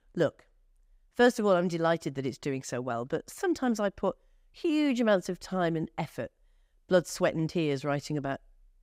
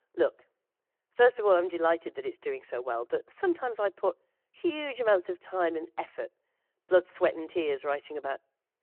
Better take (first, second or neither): first